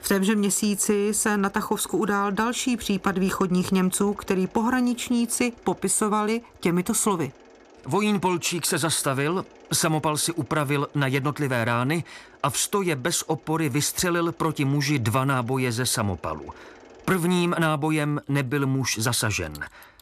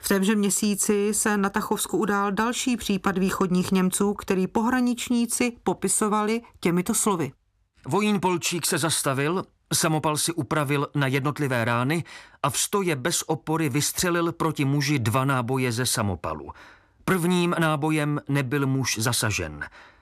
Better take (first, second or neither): second